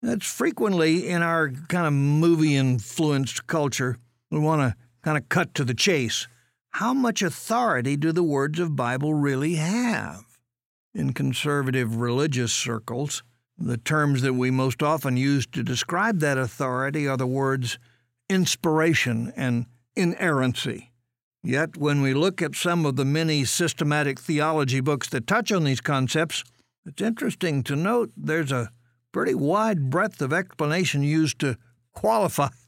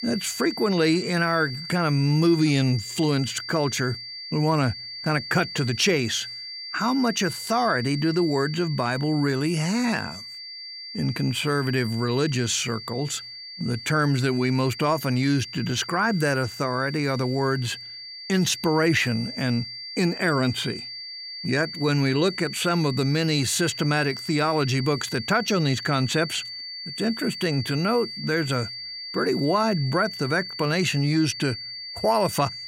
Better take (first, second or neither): first